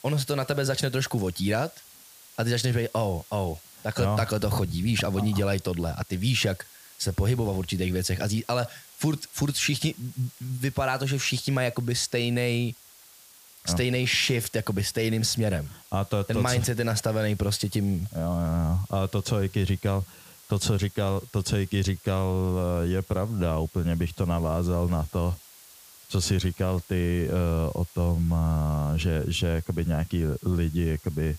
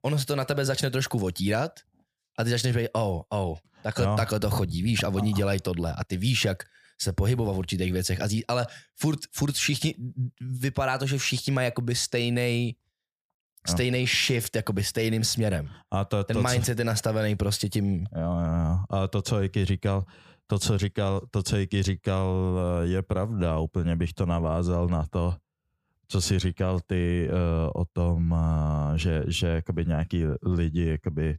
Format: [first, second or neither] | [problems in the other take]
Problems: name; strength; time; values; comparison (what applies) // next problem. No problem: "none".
second | hiss; faint; throughout; 20 dB below the speech